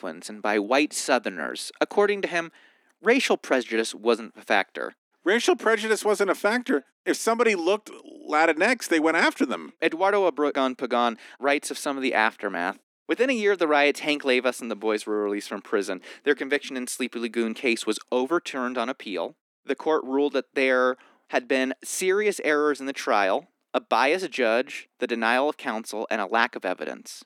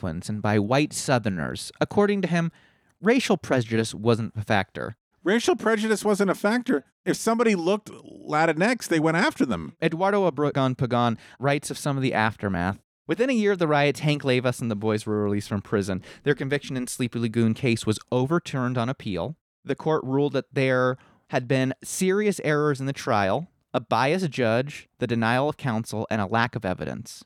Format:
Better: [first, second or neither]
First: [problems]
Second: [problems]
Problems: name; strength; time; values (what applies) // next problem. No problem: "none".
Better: second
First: thin; very slightly; fading below 250 Hz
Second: none